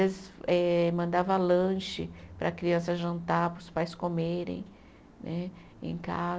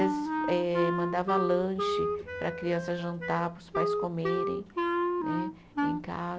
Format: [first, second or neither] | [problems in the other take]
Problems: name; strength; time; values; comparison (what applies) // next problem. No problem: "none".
first | background sound (Wind instrument, woodwind instrument); 1 dB above the speech